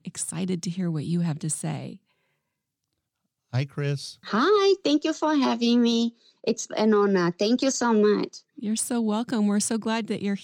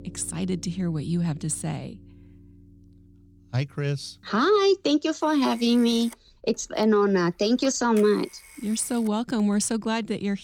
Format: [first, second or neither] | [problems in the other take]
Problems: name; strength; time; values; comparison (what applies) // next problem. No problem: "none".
first | alarms or sirens; faint; throughout; 25 dB below the speech